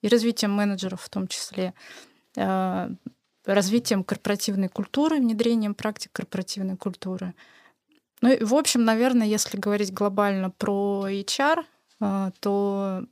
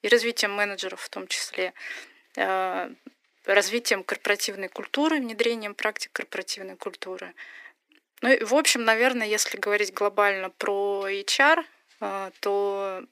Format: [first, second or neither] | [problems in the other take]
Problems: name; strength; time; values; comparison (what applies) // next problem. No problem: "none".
first | thin; somewhat; fading below 300 Hz